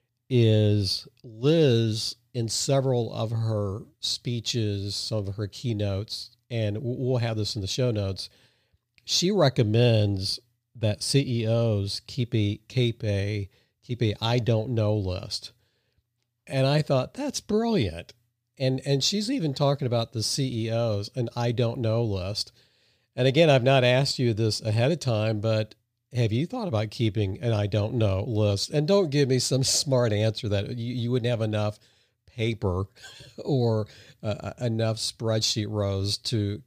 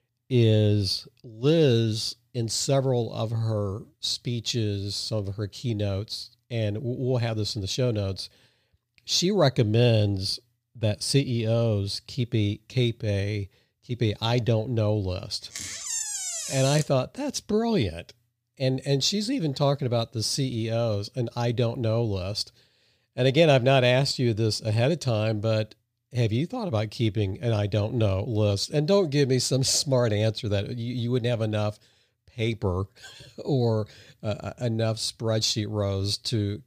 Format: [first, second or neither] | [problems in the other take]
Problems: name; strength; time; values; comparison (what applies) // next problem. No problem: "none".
first | door banging; noticeable; from 16 to 17 s; peak 2 dB below the speech